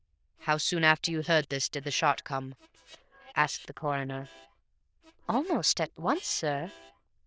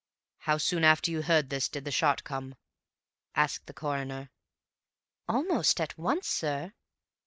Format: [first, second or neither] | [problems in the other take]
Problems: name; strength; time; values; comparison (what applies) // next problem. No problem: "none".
second | noise reduction (neural diffusion model UNIVERSE++)